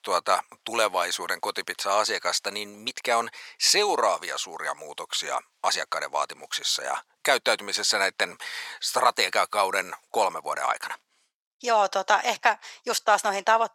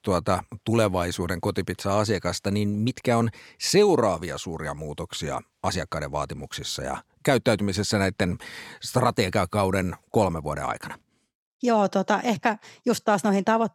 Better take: second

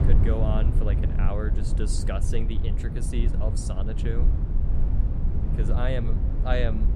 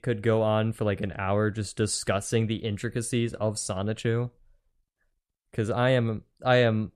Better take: second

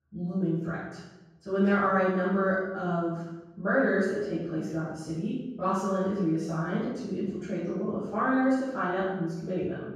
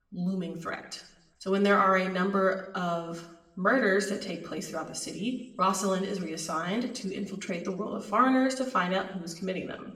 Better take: second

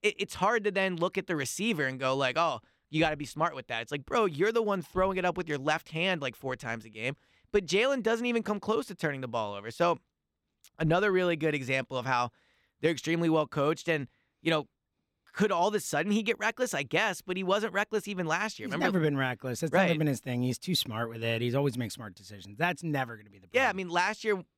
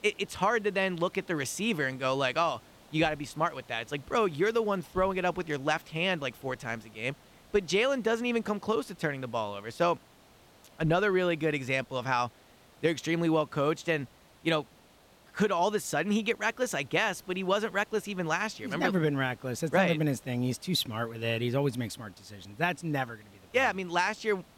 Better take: first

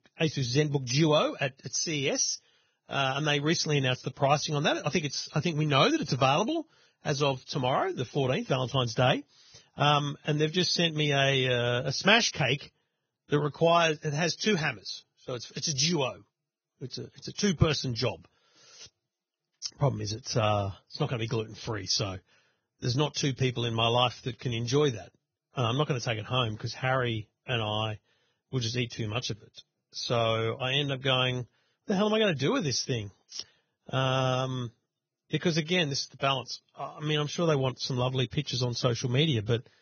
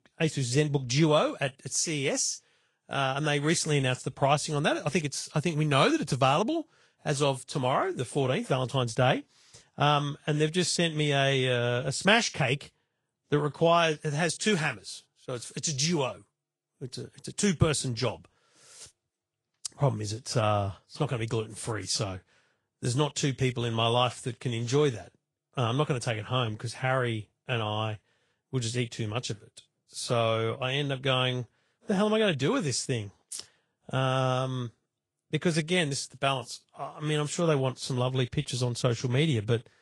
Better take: second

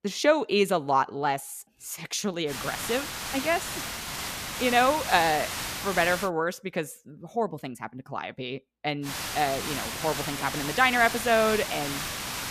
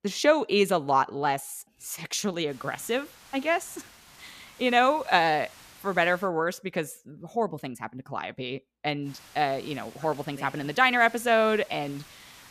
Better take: second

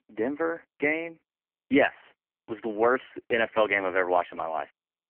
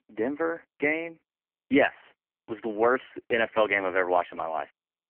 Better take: neither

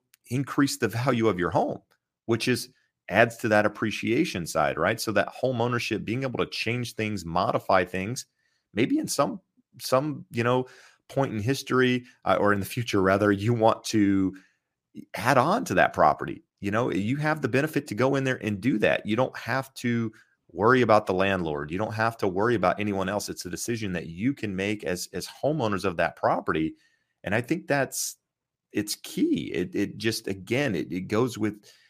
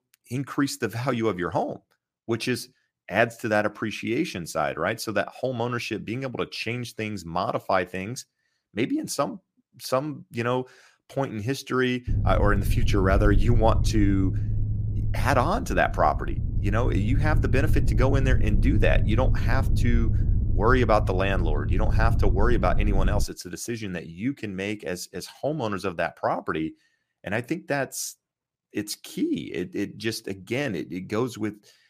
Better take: first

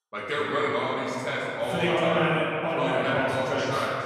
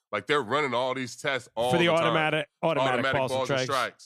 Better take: second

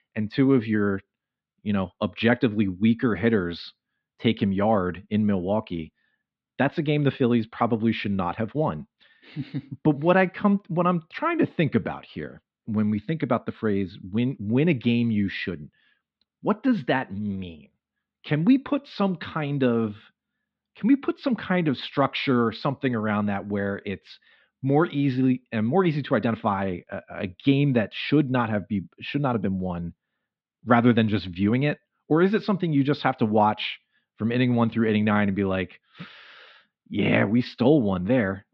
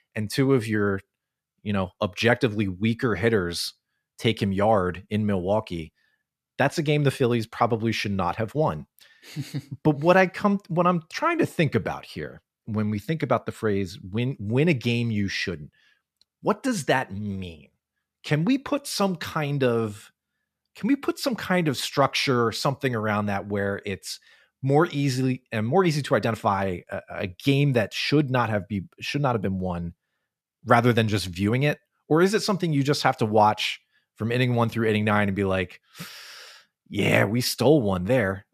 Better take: second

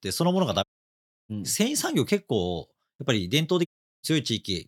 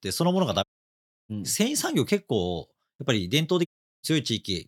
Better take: neither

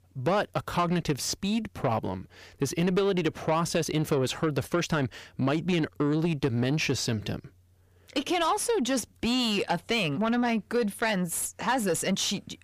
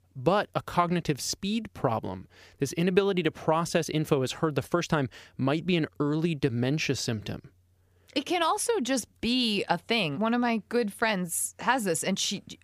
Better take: second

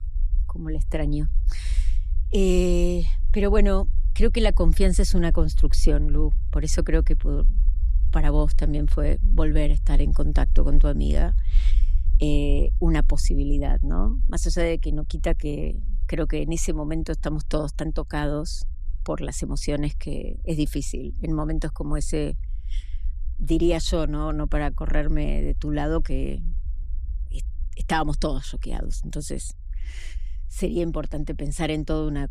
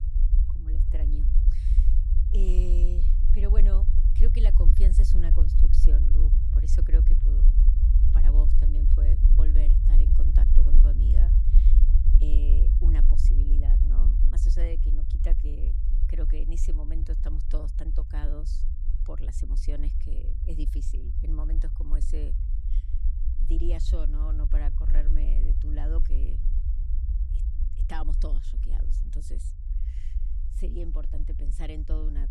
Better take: first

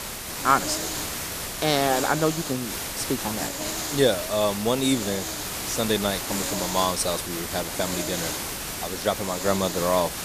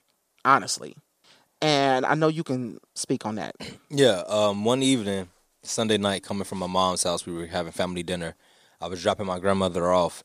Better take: second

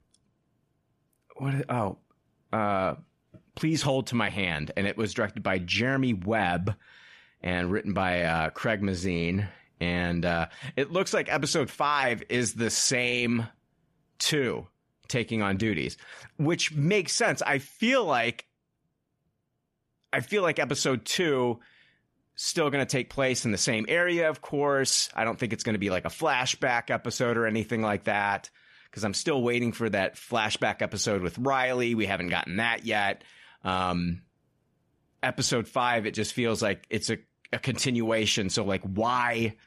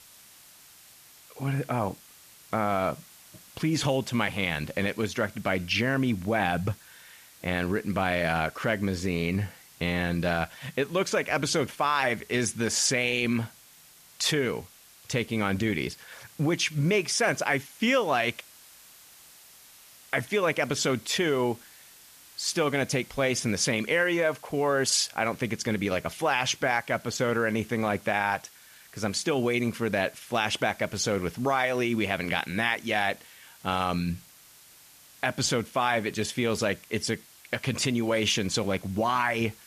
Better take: first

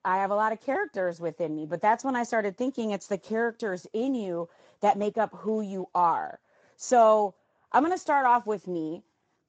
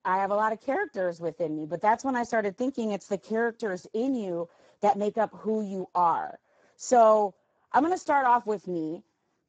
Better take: first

